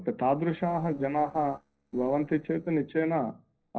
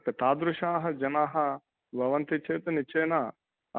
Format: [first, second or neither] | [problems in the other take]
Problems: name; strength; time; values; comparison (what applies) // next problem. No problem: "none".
second | noise reduction (neural separator model SepFormer DNS4)